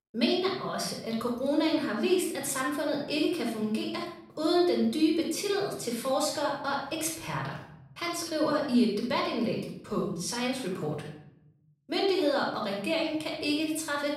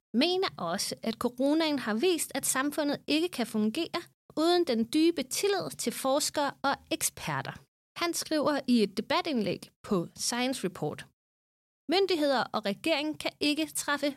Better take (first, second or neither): second